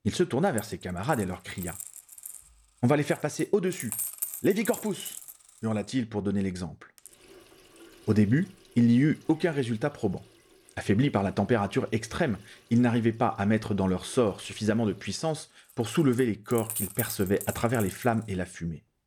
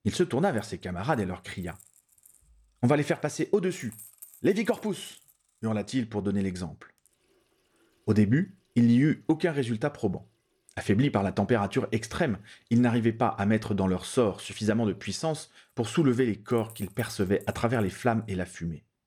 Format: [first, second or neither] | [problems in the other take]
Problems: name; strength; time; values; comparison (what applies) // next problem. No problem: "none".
second | household noises; loud; throughout; 10 dB below the speech; faint in the second